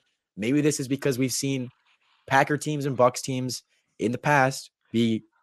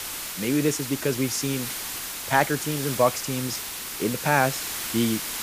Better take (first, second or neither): first